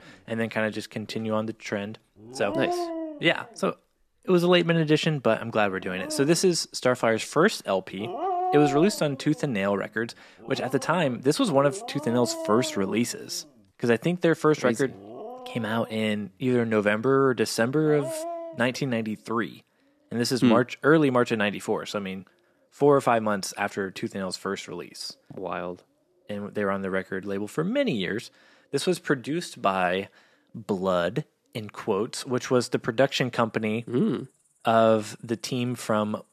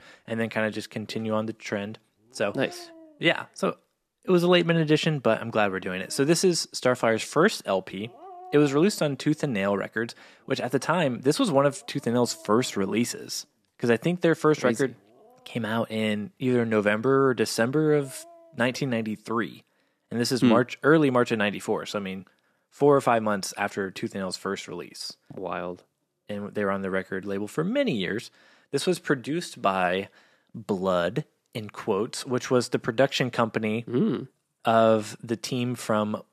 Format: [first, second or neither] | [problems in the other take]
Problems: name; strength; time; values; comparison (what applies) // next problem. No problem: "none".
second | animal sounds; loud; throughout; 10 dB below the speech; faint in the second